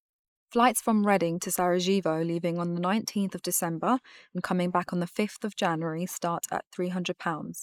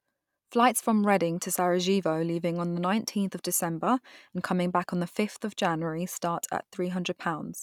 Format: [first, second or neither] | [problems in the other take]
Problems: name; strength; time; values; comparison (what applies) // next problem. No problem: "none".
second | noise reduction (neural mask model Resemble Enhance denoiser)